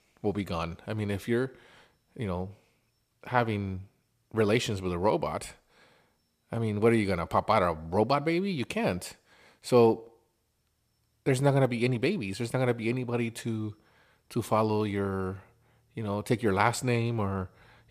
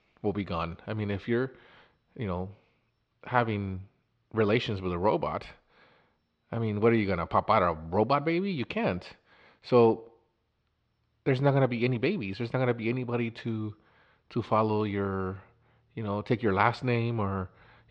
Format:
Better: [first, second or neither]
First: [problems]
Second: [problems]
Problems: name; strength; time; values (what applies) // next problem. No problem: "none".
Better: first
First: none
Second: muffled; very slightly; fading above 4 kHz